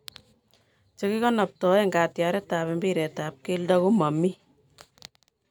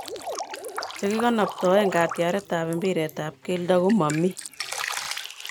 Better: first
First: none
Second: background sound (Drip); 10 dB below the speech

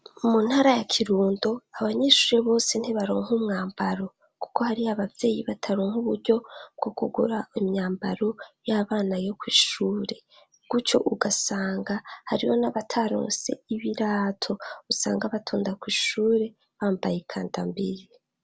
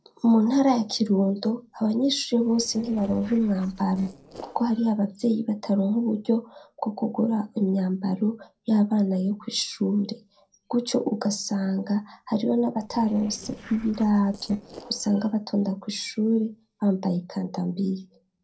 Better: first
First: none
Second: noise reduction (neural separator model SepFormer DNS4)

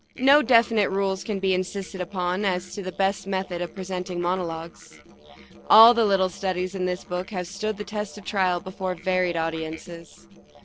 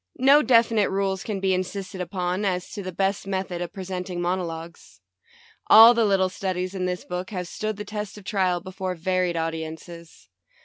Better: second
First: noise reduction (neural separator model SepFormer DNS4)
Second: none

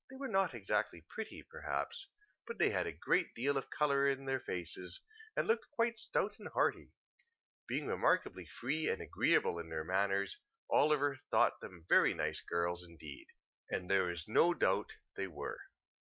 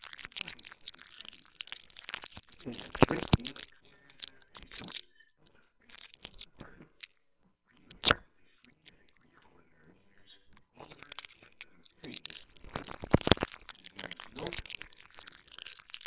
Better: first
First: none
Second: noise reduction (neural separator model SepFormer WHAMR!)

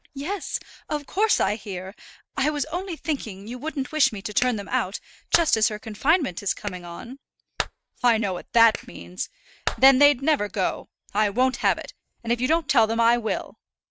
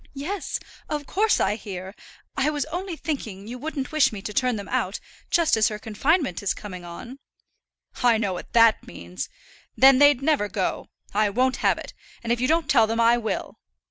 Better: second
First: noise reduction (neural mask model RNNoise)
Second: none

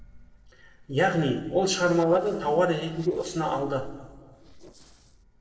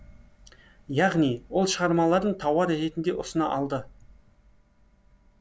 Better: second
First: noise reduction (neural separator model SepFormer DNS4)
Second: none

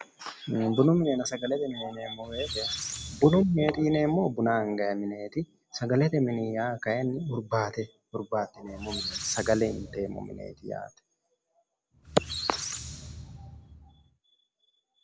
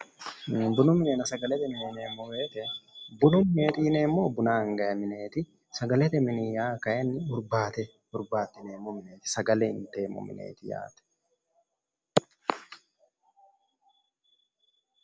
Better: second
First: background sound (Squeak); 11 dB below the speech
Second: none

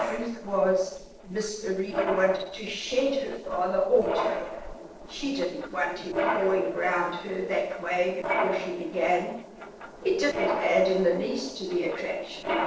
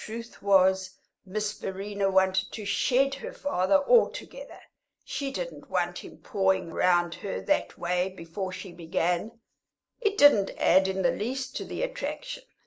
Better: second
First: noise reduction (neural separator model SepFormer DNS4)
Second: none

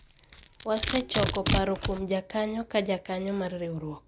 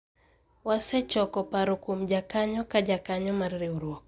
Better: second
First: background sound (Domestic sounds, home sounds); 4 dB below the speech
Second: none

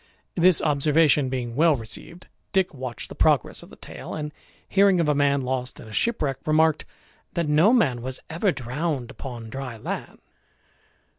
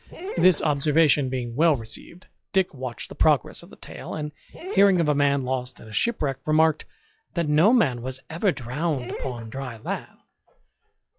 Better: first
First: none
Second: noise reduction (classical method log-MMSE)

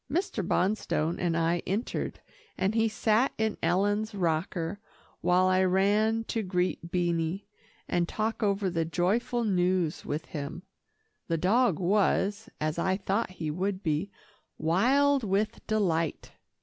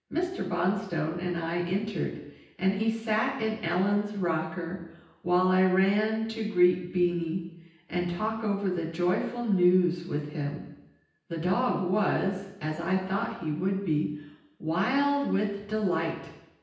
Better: first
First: none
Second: room echo; dies away in 0.9 s

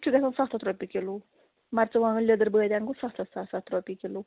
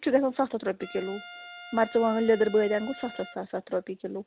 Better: first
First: none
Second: background sound (Trumpet); 17 dB below the speech

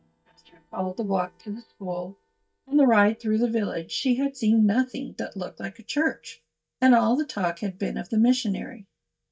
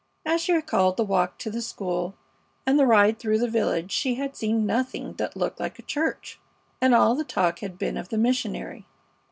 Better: second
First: noise reduction (neural mask model DeepFilterNet 3)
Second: none

